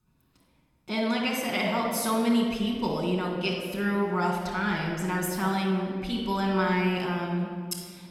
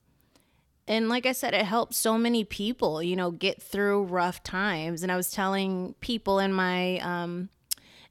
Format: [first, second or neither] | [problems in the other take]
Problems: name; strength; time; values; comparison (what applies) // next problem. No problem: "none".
second | off-mic speech; far // room echo; noticeable; dies away in 1.7 s